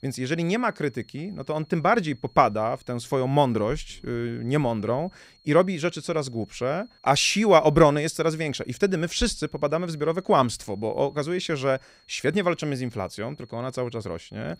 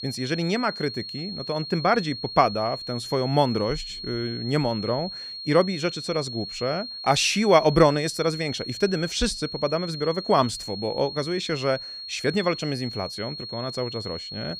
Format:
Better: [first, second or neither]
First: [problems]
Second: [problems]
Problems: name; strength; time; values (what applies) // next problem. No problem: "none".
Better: first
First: high-pitched whine; faint; throughout; 4.5 kHz, 30 dB below the speech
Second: high-pitched whine; loud; throughout; 4.5 kHz, 9 dB below the speech